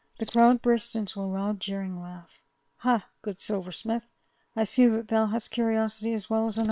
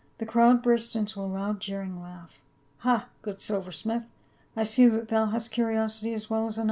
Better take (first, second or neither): second